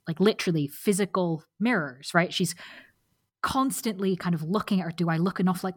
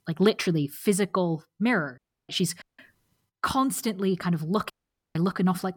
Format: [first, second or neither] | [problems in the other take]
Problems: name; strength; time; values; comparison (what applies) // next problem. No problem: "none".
first | audio cutting out; at 2 s, at 2.5 s and at 4.5 s